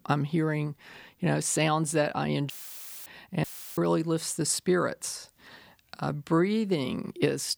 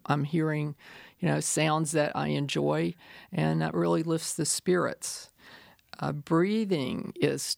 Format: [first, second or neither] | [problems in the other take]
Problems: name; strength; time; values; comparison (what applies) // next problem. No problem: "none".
second | audio cutting out; filled with static; at 2.5 s for 0.5 s and at 3.5 s